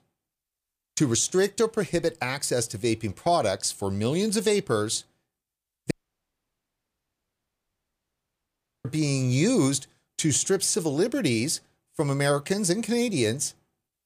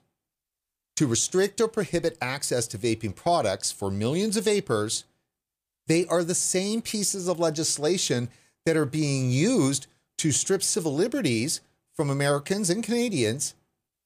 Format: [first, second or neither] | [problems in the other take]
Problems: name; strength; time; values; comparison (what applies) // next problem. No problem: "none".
second | audio cutting out; at 6 s for 3 s